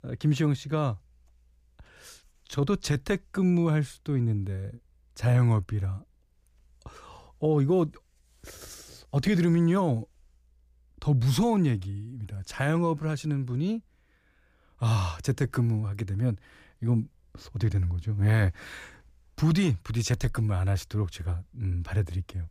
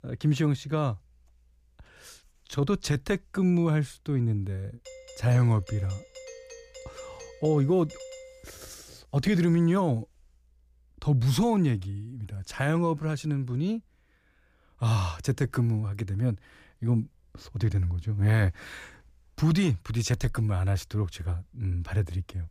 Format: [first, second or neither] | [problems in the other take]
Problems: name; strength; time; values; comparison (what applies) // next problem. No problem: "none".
first | doorbell; faint; from 5 to 8.5 s; peak 15 dB below the speech